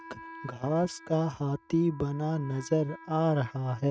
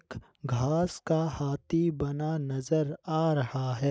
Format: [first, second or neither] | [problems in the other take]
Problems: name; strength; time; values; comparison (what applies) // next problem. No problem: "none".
second | noise reduction (neural mask model RNNoise)